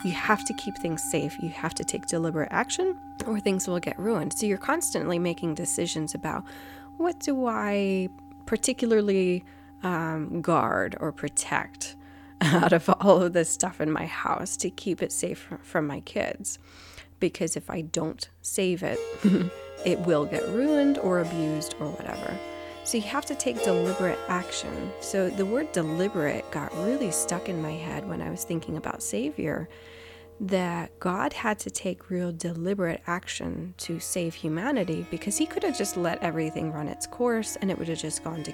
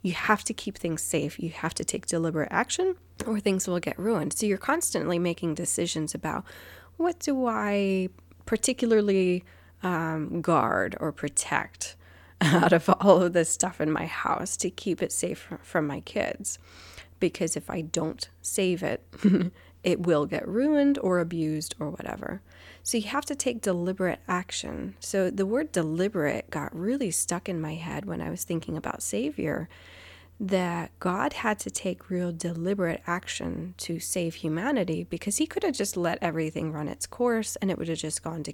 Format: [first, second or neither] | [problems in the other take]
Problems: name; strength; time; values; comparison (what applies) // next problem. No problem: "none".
second | background music; noticeable; throughout; 10 dB below the speech